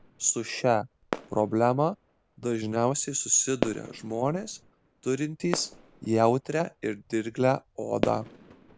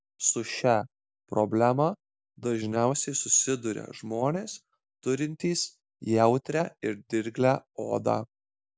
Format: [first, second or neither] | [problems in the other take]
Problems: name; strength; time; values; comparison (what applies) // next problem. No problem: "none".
second | background sound (Fireworks); 12 dB below the speech